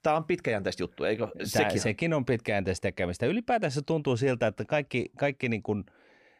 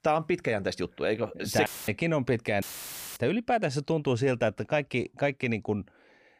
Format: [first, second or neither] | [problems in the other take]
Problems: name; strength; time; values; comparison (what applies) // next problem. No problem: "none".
first | audio cutting out; filled with static; at 1.5 s and at 2.5 s for 0.5 s